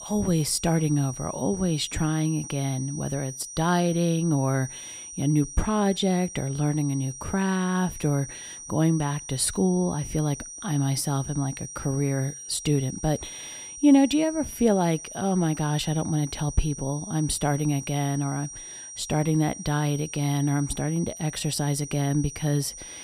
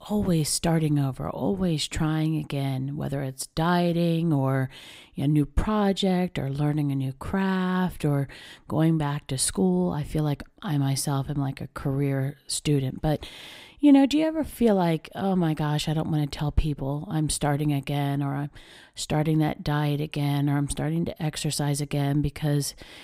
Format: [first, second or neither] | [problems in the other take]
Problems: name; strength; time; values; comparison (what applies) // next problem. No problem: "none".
second | high-pitched whine; noticeable; throughout; 6 kHz, 10 dB below the speech